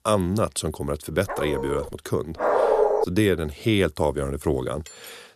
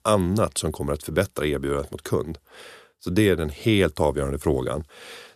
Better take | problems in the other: second | dog barking; noticeable; at 1.5 s; peak 5 dB below the speech // dog barking; loud; at 2.5 s; peak 6 dB above the speech // clattering dishes; faint; at 5 s; peak 20 dB below the speech

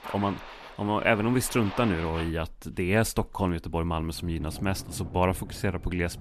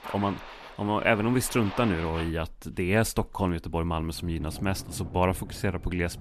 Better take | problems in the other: neither | household noises; noticeable; throughout; 15 dB below the speech; the same in both

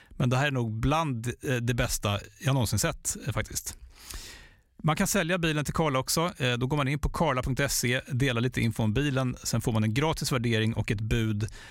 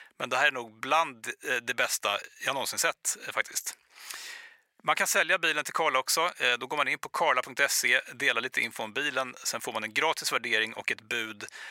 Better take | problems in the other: first | thin; very; fading below 650 Hz

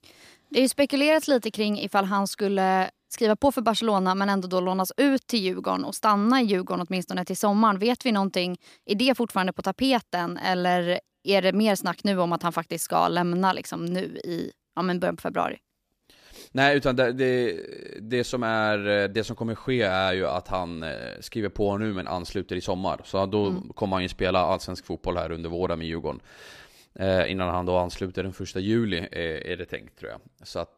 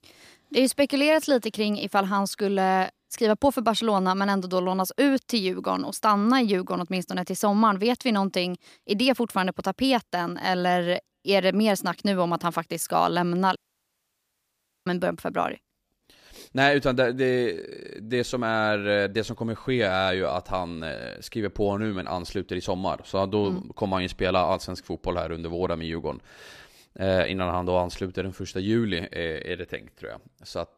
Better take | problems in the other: first | audio cutting out; at 14 s for 1.5 s

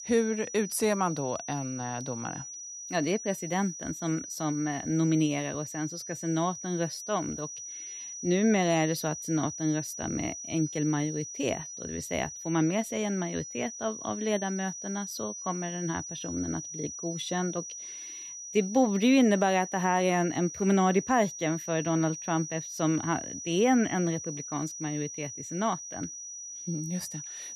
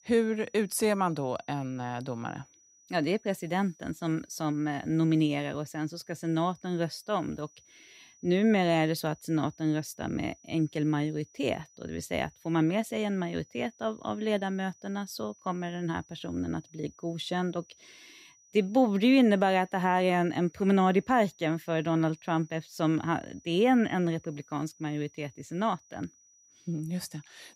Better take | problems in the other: second | high-pitched whine; loud; throughout; 6 kHz, 8 dB below the speech; faint in the second

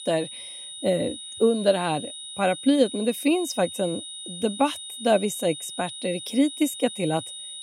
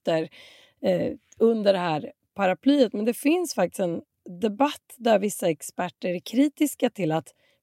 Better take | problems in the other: second | high-pitched whine; noticeable; throughout; 3.5 kHz, 10 dB below the speech

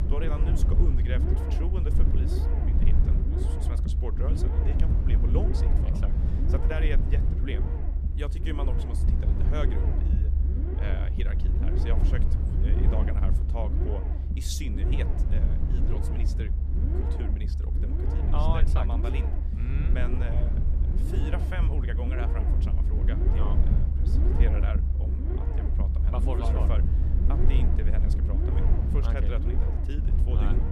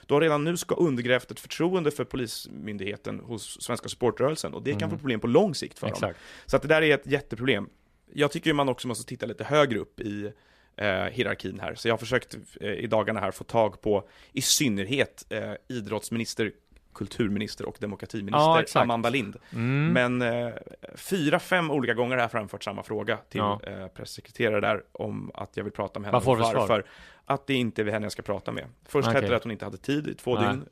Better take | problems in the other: second | low rumble; loud; throughout; 1 dB below the speech

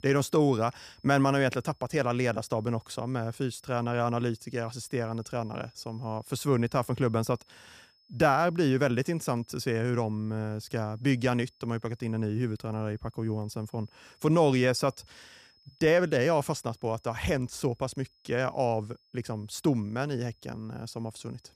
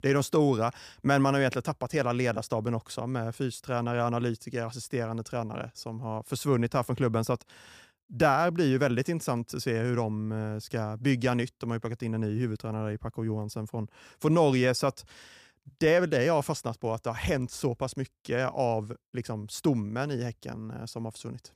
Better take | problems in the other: second | high-pitched whine; faint; throughout; 5 kHz, 35 dB below the speech

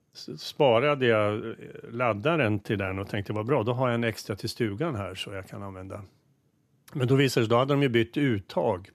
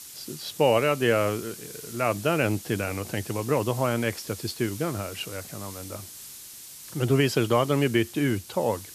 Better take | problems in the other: first | hiss; noticeable; throughout; 15 dB below the speech

